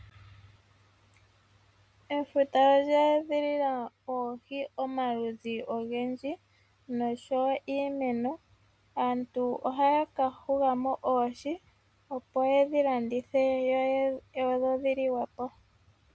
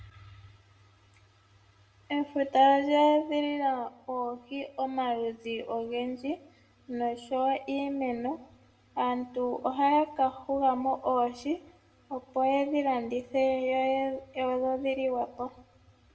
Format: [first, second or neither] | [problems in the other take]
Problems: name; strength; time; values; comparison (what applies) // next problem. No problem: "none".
first | room echo; dies away in 0.5 s